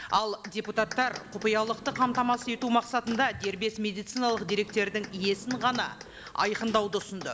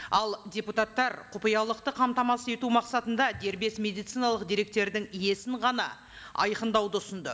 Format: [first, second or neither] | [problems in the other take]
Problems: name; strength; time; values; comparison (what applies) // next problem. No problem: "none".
second | background sound (Clapping + Sliding door); 15 dB below the speech